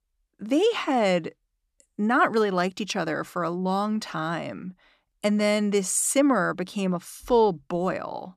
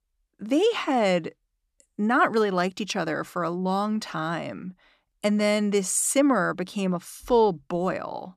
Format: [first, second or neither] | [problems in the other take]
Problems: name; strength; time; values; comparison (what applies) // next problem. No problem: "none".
neither | none